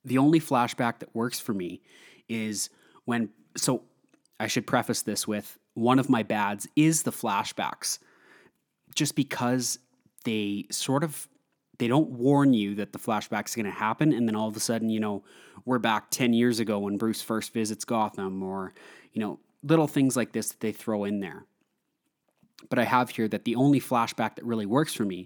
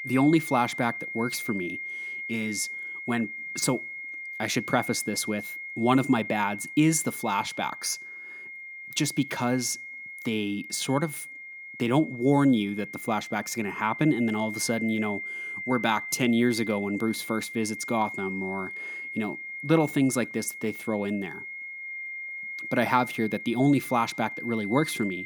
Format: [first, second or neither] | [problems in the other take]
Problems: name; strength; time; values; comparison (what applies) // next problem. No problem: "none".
first | high-pitched whine; loud; throughout; 2 kHz, 8 dB below the speech